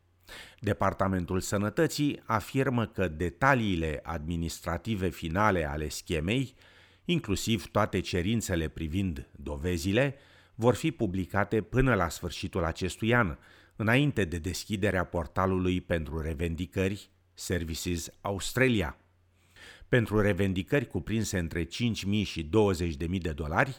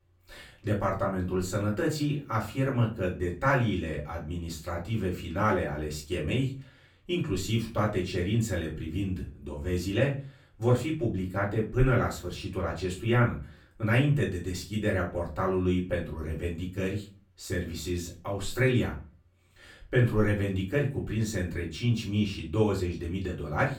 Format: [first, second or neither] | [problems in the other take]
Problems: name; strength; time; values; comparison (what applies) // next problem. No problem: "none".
first | off-mic speech; far // room echo; very slight; dies away in 0.3 s